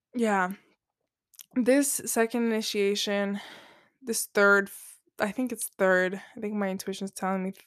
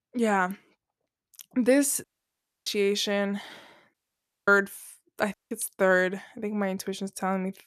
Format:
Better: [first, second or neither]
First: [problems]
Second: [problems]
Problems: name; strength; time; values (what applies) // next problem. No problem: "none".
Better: first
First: none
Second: audio cutting out; at 2 s for 0.5 s, at 4 s for 0.5 s and at 5.5 s